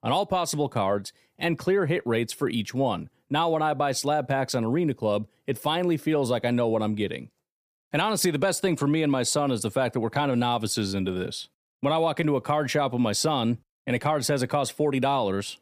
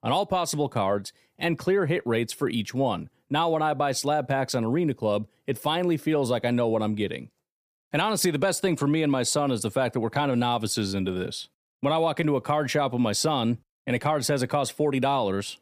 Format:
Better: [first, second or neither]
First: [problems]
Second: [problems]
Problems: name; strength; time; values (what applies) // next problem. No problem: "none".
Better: neither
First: none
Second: none